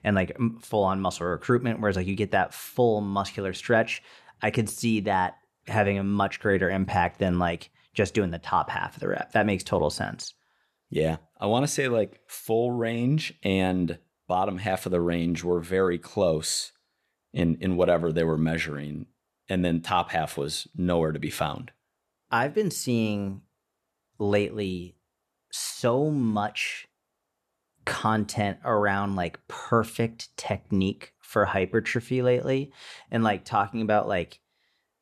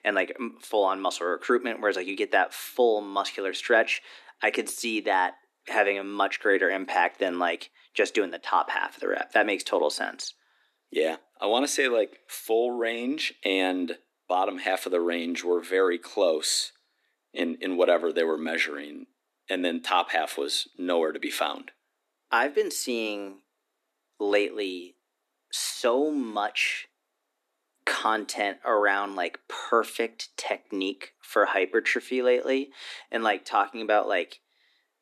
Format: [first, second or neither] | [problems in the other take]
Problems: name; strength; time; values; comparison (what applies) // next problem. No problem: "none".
first | thin; somewhat; fading below 250 Hz